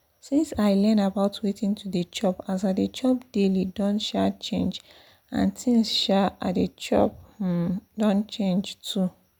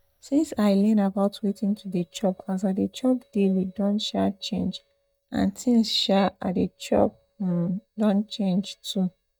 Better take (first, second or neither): first